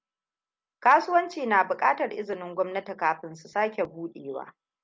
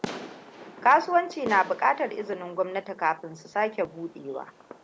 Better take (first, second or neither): first